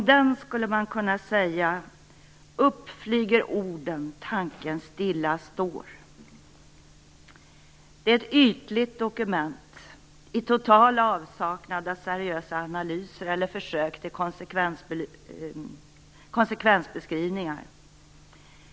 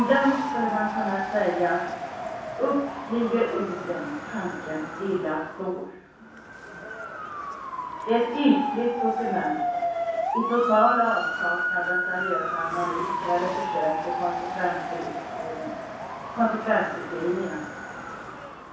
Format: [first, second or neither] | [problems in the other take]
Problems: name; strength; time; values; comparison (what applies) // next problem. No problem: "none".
first | background sound (Motor vehicle (road) / Siren); 3 dB below the speech // room echo; dies away in 0.7 s